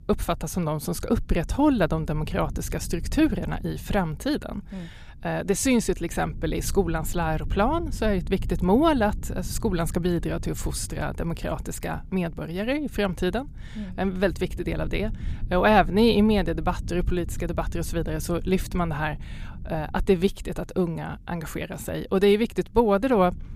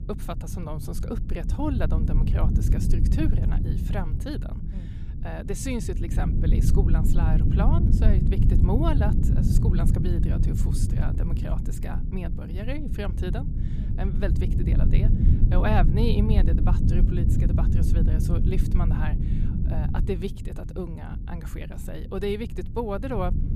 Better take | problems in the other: first | low rumble; loud; throughout; 3 dB below the speech; faint in the first

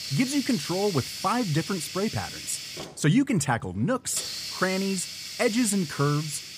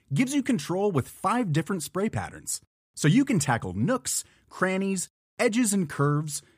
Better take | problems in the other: second | hiss; loud; throughout; 7 dB below the speech

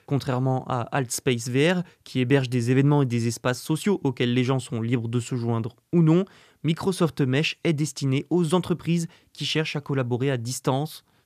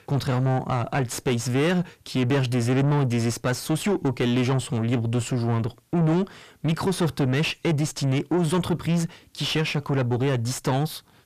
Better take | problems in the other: first | distortion; heavy; 7 dB below the speech

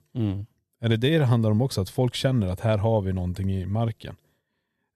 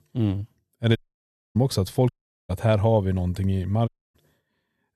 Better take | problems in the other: first | audio cutting out; at 1 s for 0.5 s, at 2 s and at 4 s

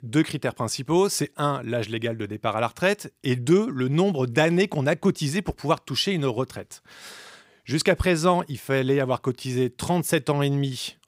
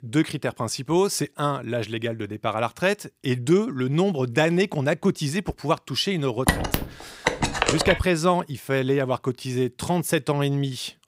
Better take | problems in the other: first | phone ringing; loud; from 6.5 to 8 s; peak 2 dB above the speech

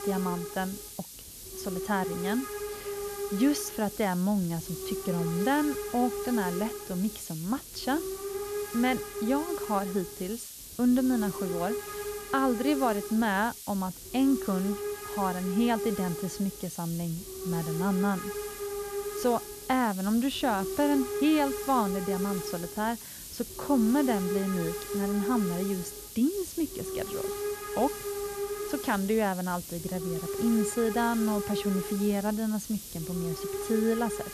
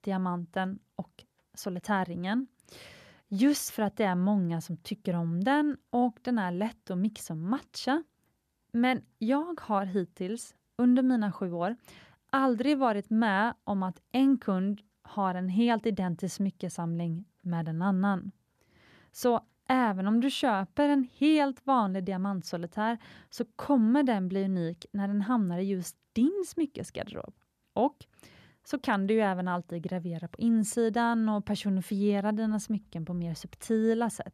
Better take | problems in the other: second | hiss; loud; throughout; 6 dB below the speech

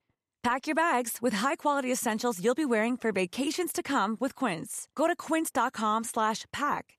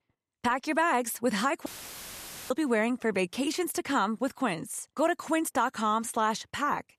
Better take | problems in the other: first | audio cutting out; filled with static; at 1.5 s for 1 s

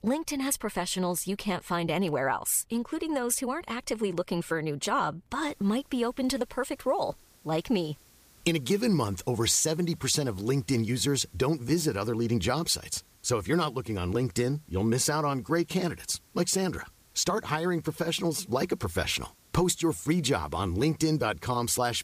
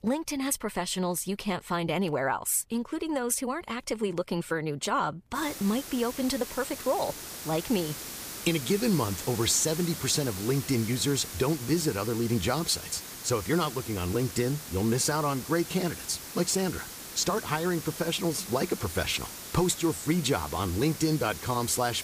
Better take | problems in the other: first | hiss; loud; from 5.5 s on; 9 dB below the speech; faint in the first

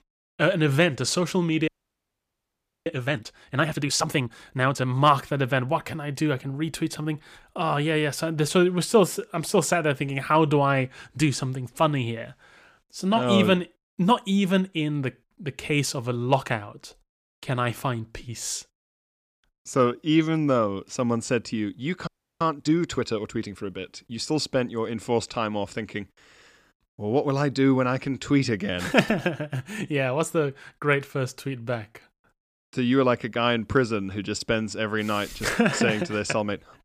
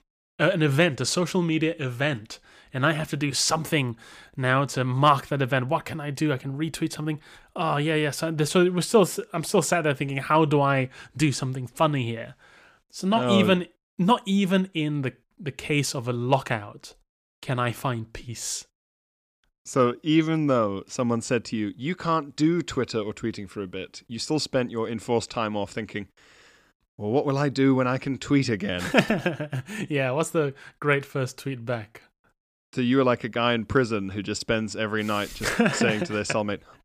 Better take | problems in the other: second | audio freezing; at 1.5 s for 1 s and at 22 s

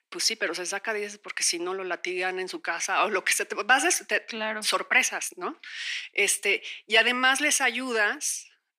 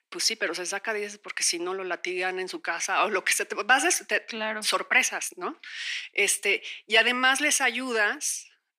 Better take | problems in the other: neither | thin; very; fading below 400 Hz; the same in both

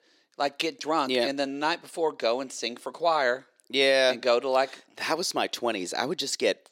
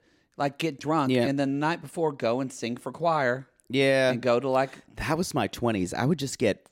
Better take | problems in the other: second | thin; somewhat; fading below 450 Hz

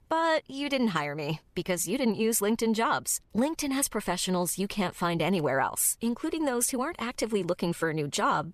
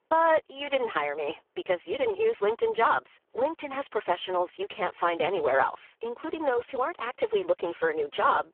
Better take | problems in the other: first | phone-call audio; poor line

